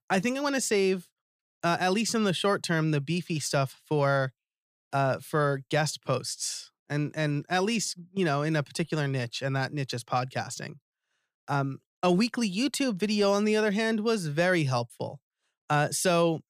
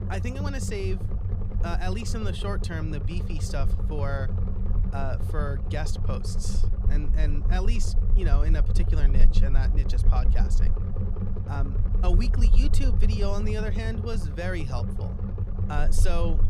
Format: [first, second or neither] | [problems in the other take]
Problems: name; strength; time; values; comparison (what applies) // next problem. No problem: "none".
first | low rumble; loud; throughout; 7 dB below the speech